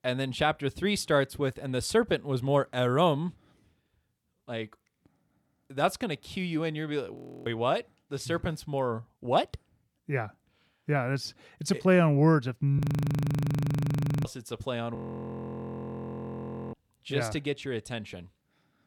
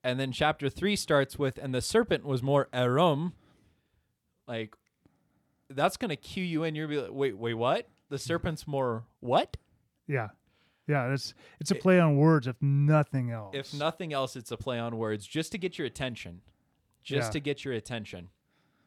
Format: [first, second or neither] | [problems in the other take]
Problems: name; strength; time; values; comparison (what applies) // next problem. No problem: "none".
second | audio freezing; at 7 s, at 13 s for 1.5 s and at 15 s for 2 s